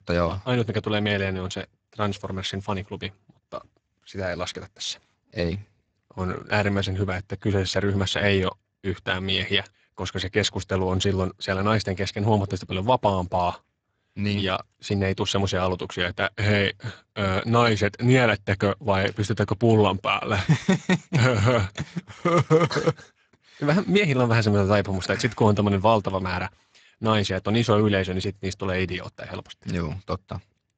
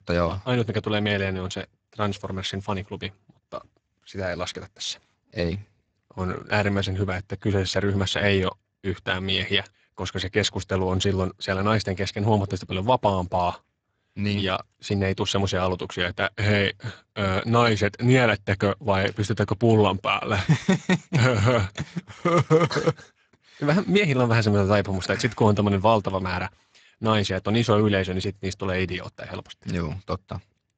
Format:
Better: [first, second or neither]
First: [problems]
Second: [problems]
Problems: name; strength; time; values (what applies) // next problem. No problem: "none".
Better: neither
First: garbled, watery; badly; nothing above 7.5 kHz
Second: garbled, watery; badly; nothing above 7.5 kHz